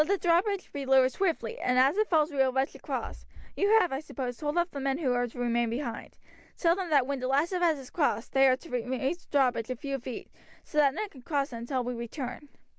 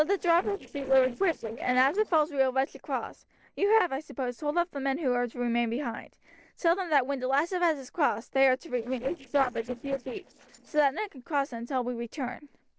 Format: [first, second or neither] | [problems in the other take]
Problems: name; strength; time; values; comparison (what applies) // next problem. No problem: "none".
first | noise reduction (neural separator model SepFormer DNS4)